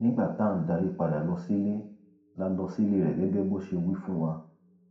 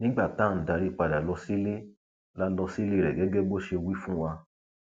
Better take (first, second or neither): second